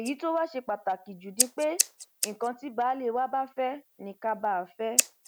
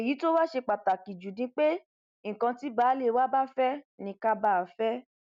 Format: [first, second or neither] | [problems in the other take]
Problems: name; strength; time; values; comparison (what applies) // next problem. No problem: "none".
second | background sound (Scissors); 3 dB below the speech